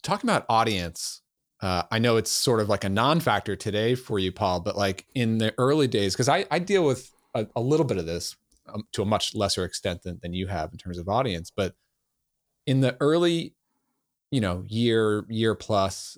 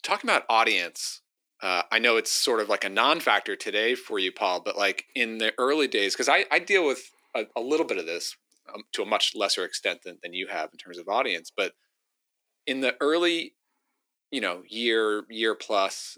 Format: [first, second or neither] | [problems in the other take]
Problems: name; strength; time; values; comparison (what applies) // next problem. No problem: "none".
first | thin; somewhat; fading below 300 Hz